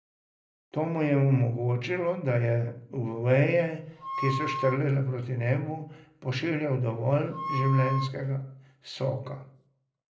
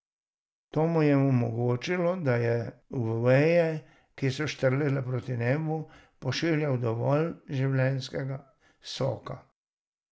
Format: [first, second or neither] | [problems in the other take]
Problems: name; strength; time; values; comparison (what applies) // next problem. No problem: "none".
second | background sound (Wind instrument, woodwind instrument); 7 dB below the speech // room echo; dies away in 0.4 s